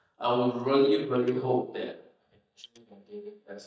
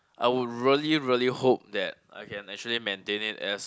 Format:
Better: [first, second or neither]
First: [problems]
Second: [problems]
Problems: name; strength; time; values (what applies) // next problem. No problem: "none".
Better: second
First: noise reduction (neural mask model DeepFilterNet 3)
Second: none